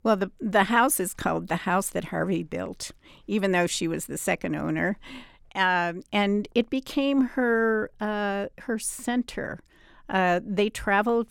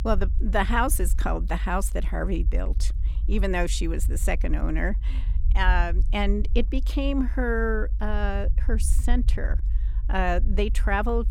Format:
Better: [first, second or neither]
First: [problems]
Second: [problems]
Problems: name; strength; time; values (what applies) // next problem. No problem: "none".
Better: first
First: none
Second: low rumble; faint; throughout; 20 dB below the speech